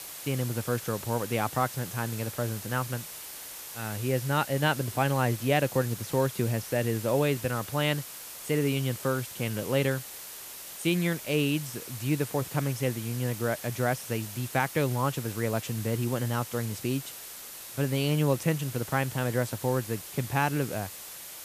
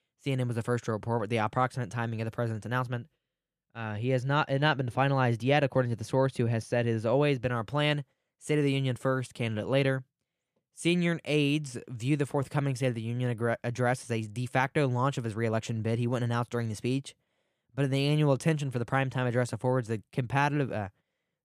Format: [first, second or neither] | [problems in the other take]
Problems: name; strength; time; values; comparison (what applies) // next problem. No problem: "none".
second | hiss; loud; throughout; 10 dB below the speech